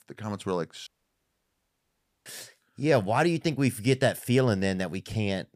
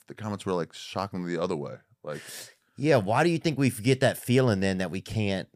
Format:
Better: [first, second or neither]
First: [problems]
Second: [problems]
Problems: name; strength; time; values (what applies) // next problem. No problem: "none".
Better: second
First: audio cutting out; at 1 s for 1.5 s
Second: none